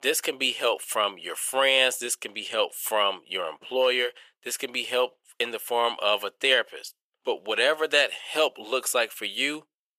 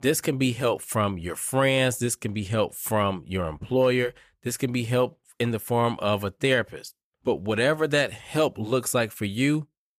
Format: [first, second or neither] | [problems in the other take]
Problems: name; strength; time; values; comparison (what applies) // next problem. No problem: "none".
second | thin; very; fading below 450 Hz